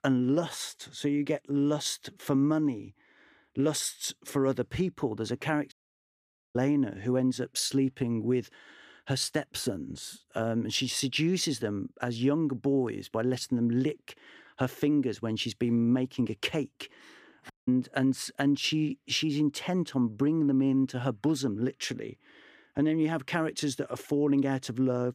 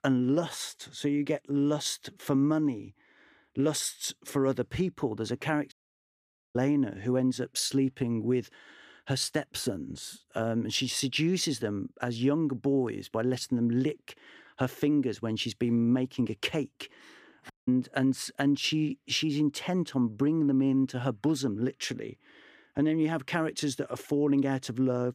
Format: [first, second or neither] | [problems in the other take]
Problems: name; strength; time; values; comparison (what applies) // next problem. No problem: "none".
neither | audio cutting out; at 5.5 s for 1 s and at 18 s; the same in both